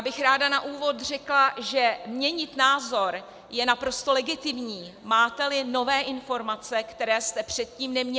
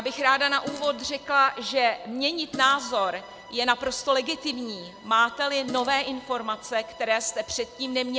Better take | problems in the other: first | background sound (Fart + Bowed string instrument); 19 dB below the speech

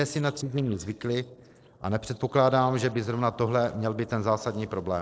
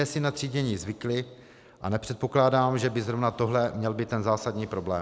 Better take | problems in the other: second | noise reduction (neural separator model SepFormer DNS4)

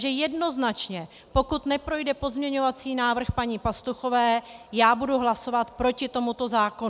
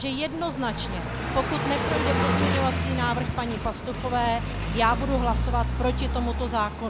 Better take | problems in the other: first | background sound (Car passing by); 1 dB above the speech

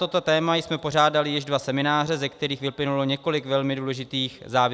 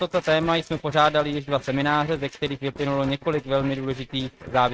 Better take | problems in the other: first | noise reduction (neural mask model RNNoise)

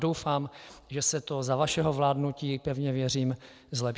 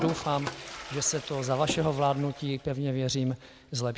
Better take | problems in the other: first | background sound (Toilet flush); 11 dB below the speech

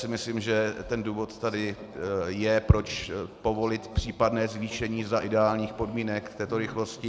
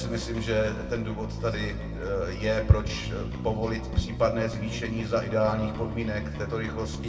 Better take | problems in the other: first | background sound (Bass guitar); 7 dB below the speech // room echo; dies away in 1.2 s

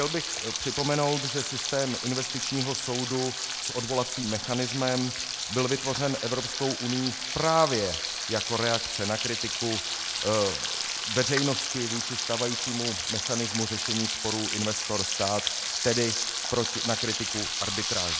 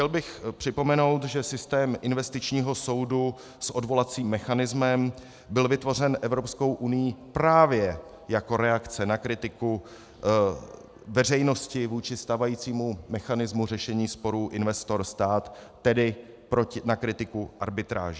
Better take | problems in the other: second | background sound (Frying (food)); 1 dB below the speech

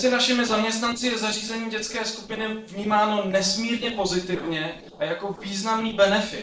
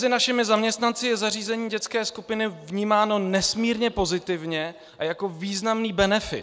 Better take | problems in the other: second | noise reduction (neural separator model SepFormer DNS4)

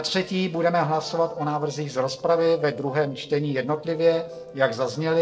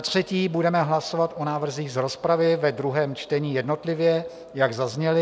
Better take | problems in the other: second | noise reduction (neural separator model SepFormer DNS4)

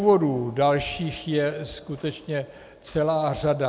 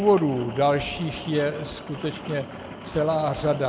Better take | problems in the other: first | background sound (Rain); 13 dB below the speech

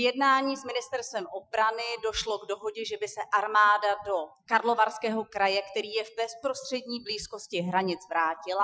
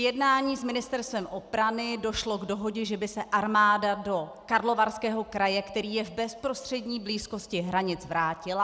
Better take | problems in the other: second | noise reduction (classical method Wiener filter)

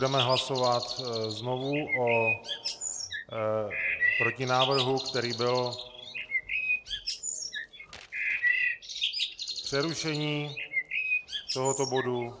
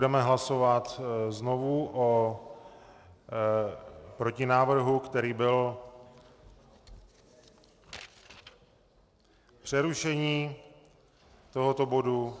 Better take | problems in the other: second | background sound (Bird); 1 dB below the speech

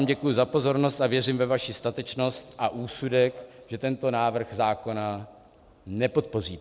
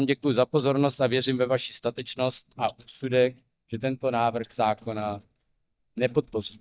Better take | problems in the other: first | noise reduction (neural mask model DeepFilterNet 3)

